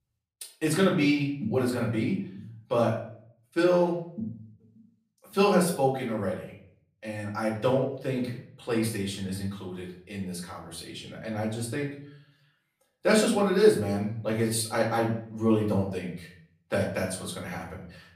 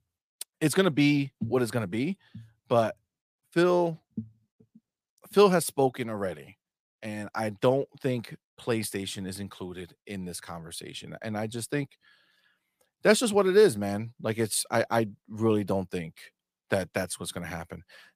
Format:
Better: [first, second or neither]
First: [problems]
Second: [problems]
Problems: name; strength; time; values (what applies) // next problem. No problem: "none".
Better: second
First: off-mic speech; far // room echo; slight; dies away in 0.5 s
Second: none